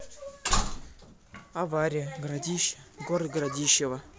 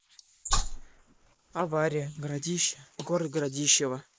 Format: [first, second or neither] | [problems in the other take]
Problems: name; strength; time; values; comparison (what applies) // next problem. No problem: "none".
first | noise reduction (neural mask model Resemble Enhance denoiser)